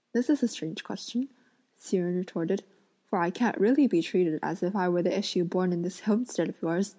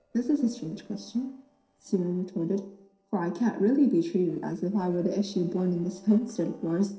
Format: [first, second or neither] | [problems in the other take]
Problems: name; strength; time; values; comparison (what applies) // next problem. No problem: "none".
first | noise reduction (neural separator model SepFormer DNS4)